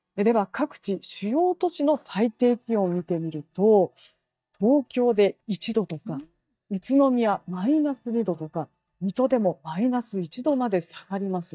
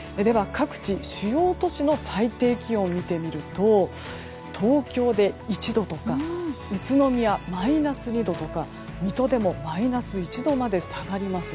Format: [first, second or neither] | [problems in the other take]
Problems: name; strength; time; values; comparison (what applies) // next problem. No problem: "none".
second | noise reduction (neural mask model DeepFilterNet 3)